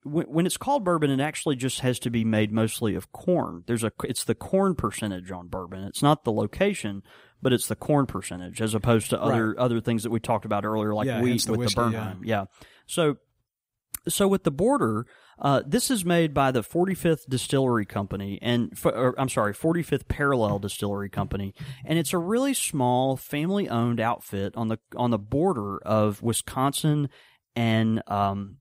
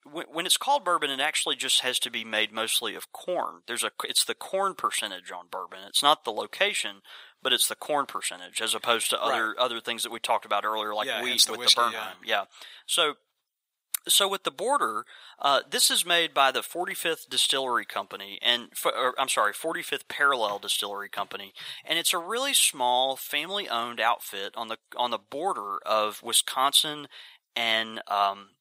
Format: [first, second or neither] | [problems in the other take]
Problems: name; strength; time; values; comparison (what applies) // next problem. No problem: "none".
first | thin; very; fading below 850 Hz